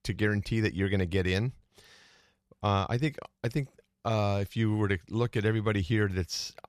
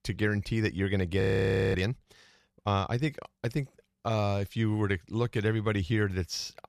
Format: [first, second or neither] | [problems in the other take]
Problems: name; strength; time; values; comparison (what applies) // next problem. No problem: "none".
first | audio freezing; at 1 s for 0.5 s